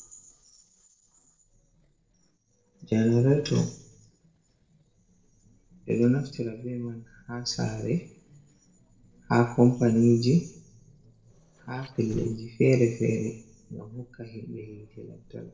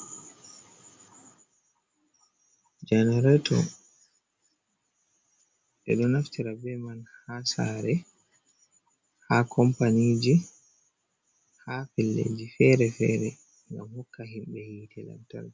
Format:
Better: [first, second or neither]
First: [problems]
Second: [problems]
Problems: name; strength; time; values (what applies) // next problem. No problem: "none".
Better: second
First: noise reduction (neural separator model SepFormer DNS4)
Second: none